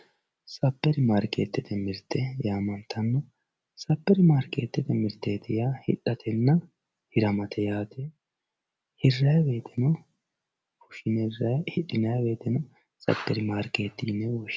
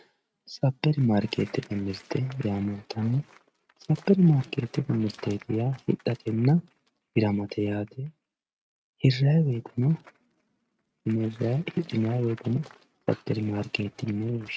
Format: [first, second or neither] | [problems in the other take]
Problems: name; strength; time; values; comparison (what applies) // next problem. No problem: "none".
first | noise reduction (neural mask model RNNoise)